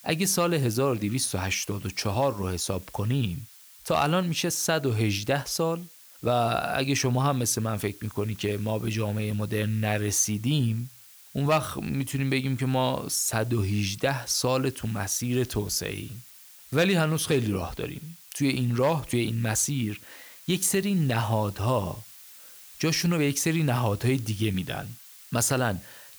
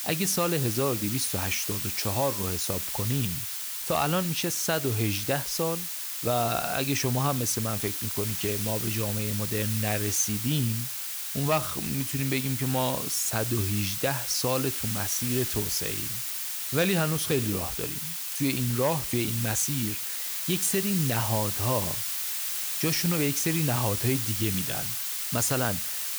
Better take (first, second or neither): first